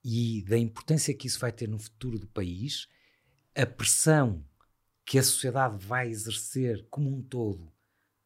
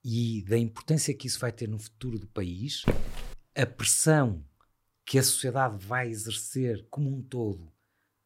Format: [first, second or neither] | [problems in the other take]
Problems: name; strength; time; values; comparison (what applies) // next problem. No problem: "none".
first | footsteps; noticeable; at 3 s; peak 3 dB below the speech